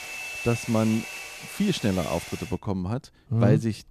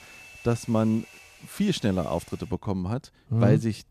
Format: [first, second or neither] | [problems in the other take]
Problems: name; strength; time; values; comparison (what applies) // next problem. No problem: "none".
second | household noises; loud; throughout; 9 dB below the speech; faint in the second